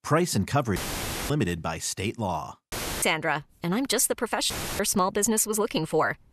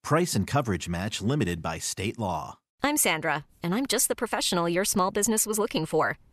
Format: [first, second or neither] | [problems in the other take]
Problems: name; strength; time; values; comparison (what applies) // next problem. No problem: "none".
second | audio cutting out; filled with static; at 1 s for 0.5 s, at 2.5 s and at 4.5 s